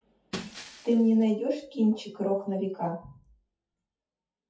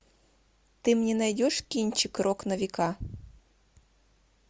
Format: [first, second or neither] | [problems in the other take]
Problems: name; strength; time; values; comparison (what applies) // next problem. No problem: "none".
second | noise reduction (classical method WPE with log-MMSE)